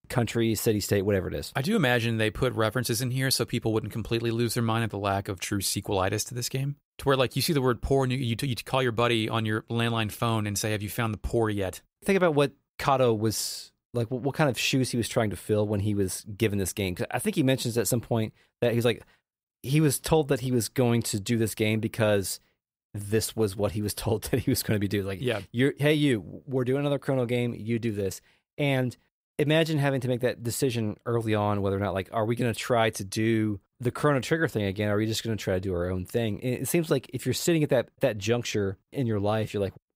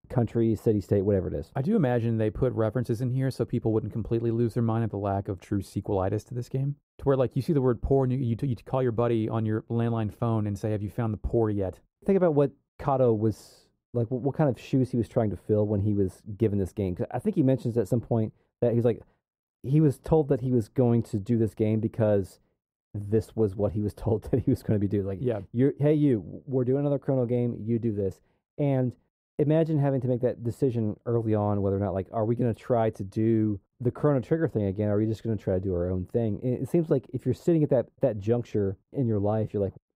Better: first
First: none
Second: muffled; very; fading above 1.5 kHz

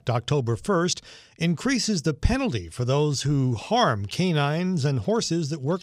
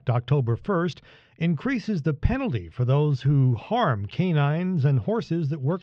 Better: first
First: none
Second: muffled; very; fading above 3 kHz

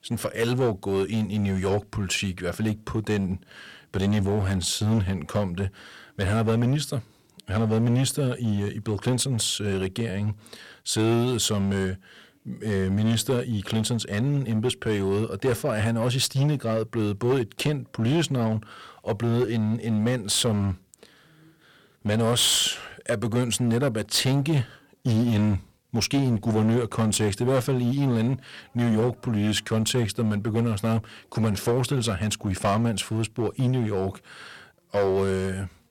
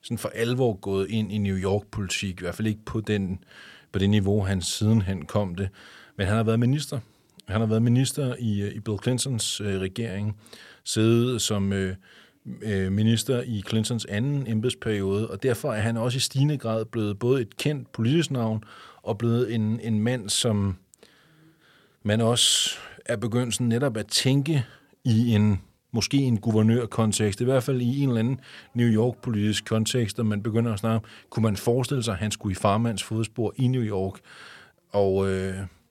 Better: second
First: distortion; slight; 9% of the sound clipped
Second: none

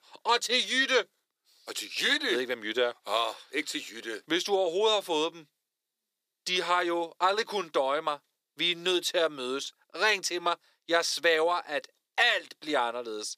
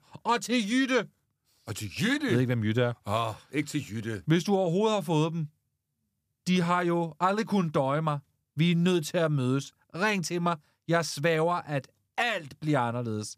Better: second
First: thin; very; fading below 400 Hz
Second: none

